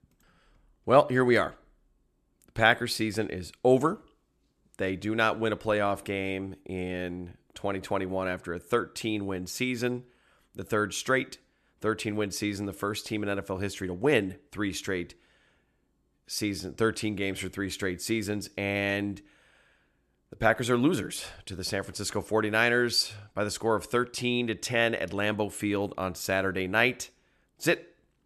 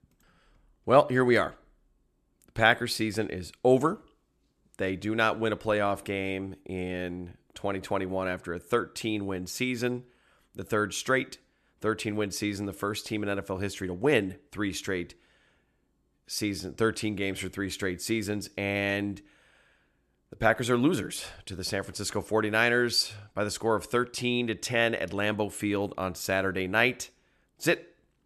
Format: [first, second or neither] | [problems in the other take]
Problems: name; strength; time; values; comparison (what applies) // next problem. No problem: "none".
neither | none